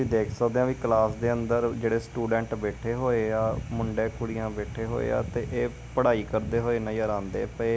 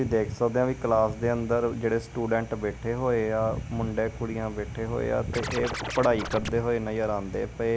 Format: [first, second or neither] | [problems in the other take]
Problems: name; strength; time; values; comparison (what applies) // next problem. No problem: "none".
first | background sound (Scratching (performance technique)); 7 dB below the speech